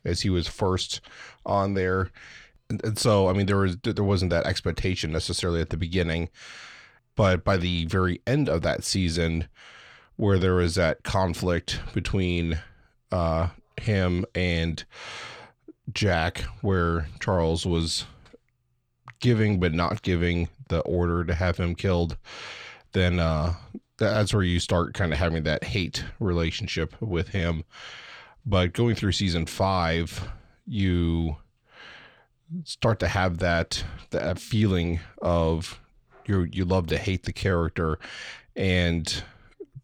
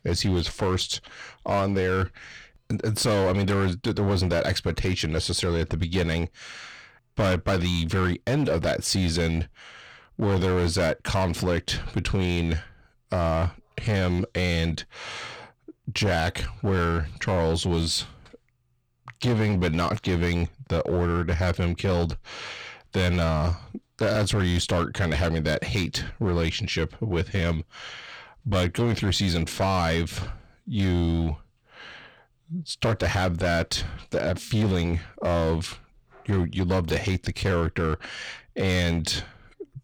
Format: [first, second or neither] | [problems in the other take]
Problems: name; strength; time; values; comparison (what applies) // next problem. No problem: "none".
first | distortion; slight; 11% of the sound clipped